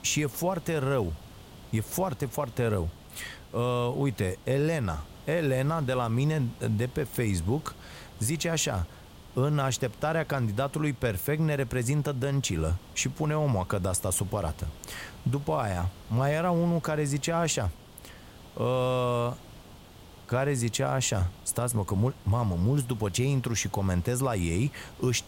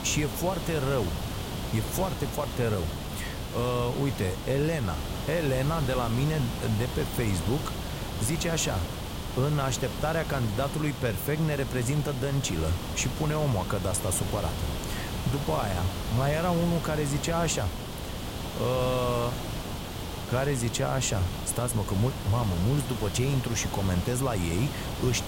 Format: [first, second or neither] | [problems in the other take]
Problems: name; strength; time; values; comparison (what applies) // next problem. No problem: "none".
first | hiss; loud; throughout; 6 dB below the speech; faint in the first